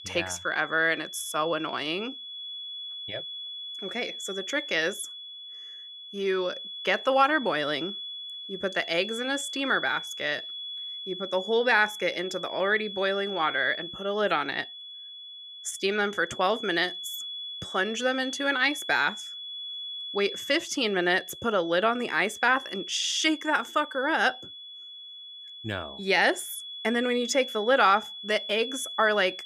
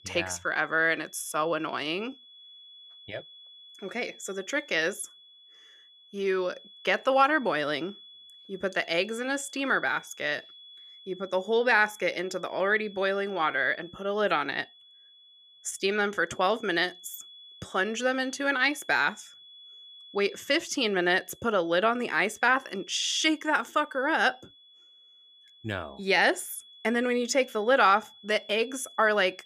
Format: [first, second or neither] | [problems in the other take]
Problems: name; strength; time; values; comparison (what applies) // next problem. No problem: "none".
second | high-pitched whine; loud; throughout; 3.5 kHz, 10 dB below the speech; faint in the second